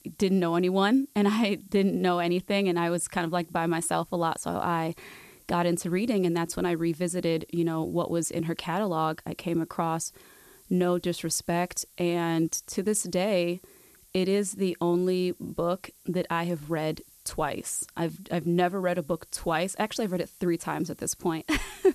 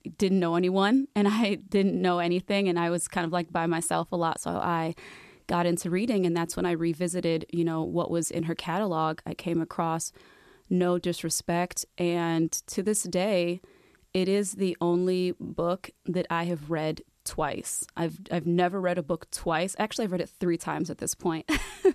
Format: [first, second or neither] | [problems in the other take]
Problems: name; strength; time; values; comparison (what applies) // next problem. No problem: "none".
second | hiss; faint; throughout; 25 dB below the speech